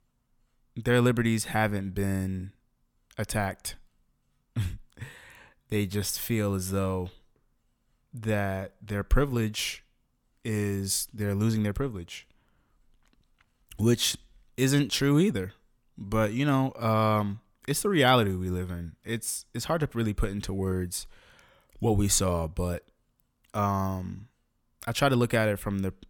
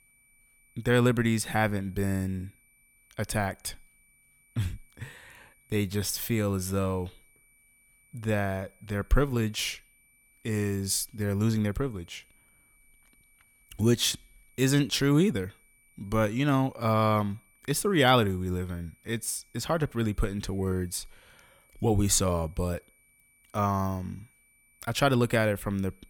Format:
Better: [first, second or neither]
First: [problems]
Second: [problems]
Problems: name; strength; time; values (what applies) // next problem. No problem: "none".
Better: first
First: none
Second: high-pitched whine; faint; throughout; 2.5 kHz, 35 dB below the speech